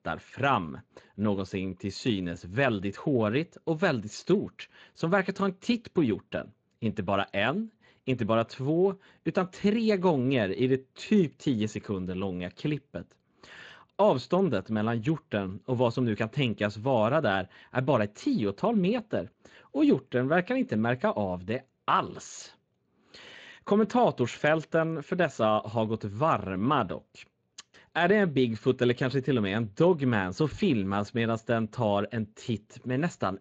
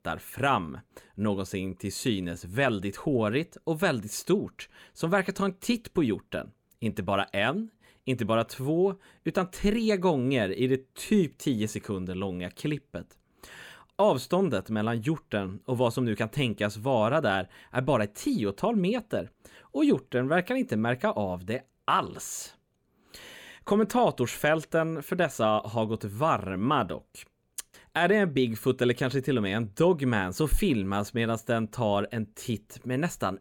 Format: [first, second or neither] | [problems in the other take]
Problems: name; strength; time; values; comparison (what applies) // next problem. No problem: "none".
second | garbled, watery; slightly; nothing above 7.5 kHz